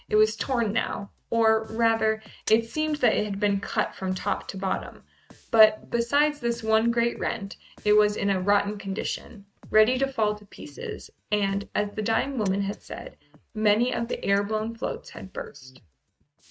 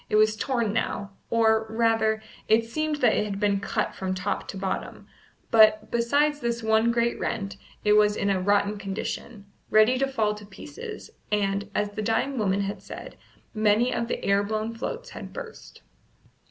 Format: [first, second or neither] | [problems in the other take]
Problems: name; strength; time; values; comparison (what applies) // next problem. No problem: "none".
second | noise reduction (neural mask model RNNoise)